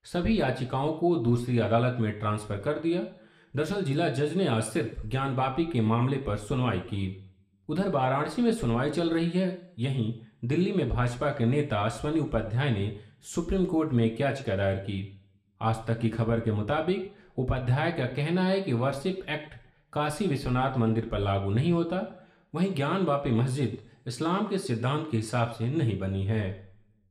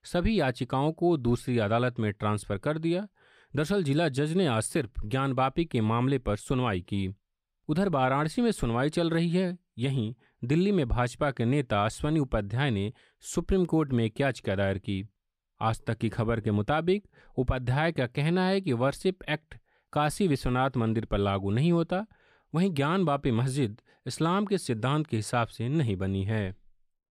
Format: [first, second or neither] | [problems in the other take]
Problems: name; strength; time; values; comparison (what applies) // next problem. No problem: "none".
second | room echo; very slight; dies away in 0.5 s